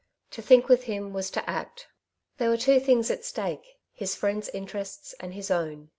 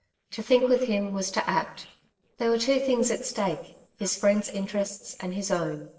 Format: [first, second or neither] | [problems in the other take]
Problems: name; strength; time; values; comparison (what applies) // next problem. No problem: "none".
first | noise reduction (neural separator model SepFormer DNS4)